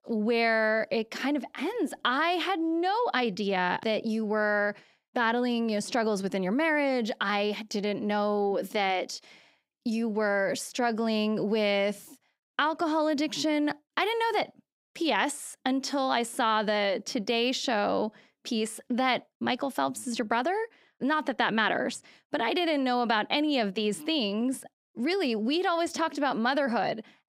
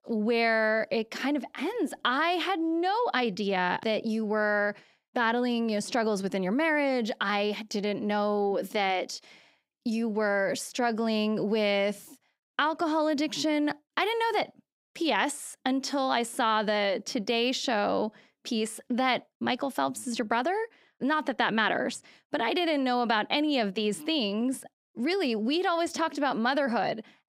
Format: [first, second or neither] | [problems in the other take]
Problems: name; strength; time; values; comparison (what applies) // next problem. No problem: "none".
neither | none